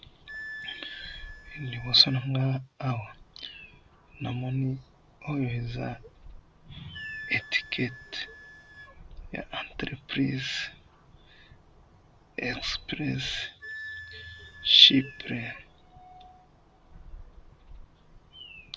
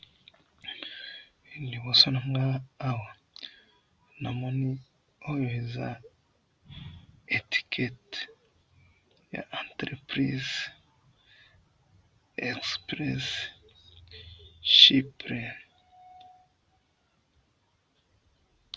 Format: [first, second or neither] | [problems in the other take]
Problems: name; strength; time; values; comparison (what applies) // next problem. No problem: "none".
second | background sound (Wind instrument, woodwind instrument + Bird vocalization, bird call, bird song); 16 dB below the speech